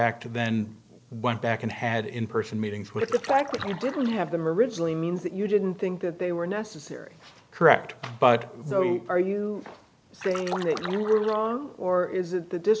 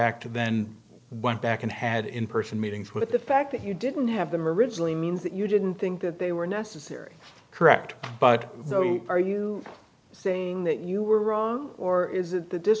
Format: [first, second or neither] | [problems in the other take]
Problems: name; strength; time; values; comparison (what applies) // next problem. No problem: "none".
second | background sound (Splash, splatter); 11 dB below the speech